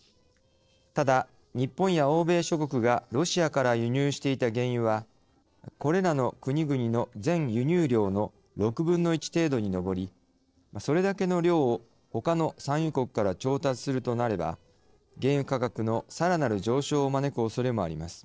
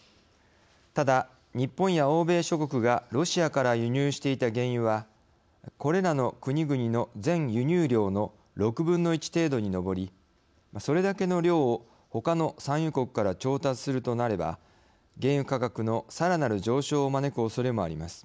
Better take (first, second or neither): second